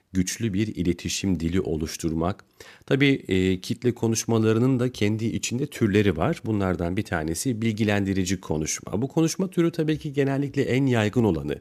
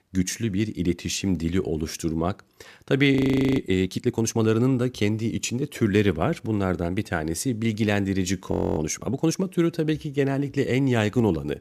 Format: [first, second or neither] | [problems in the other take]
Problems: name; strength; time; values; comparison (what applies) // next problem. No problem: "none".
first | audio freezing; at 3 s and at 8.5 s